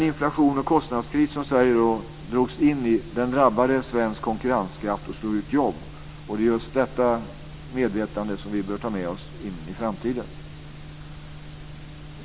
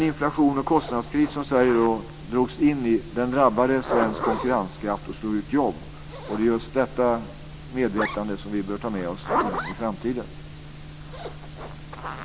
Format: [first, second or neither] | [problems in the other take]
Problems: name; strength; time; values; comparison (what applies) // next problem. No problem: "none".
first | background sound (Zipper (clothing)); 10 dB below the speech